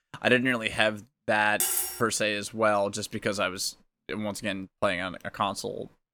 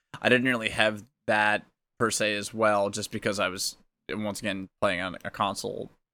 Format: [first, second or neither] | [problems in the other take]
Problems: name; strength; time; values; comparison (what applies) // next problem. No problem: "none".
second | clattering dishes; loud; at 1.5 s; peak 2 dB above the speech